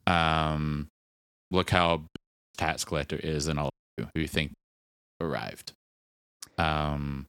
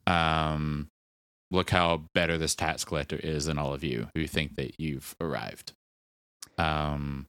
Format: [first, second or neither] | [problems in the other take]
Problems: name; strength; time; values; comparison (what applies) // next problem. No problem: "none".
second | audio cutting out; at 2 s, at 3.5 s and at 4.5 s for 0.5 s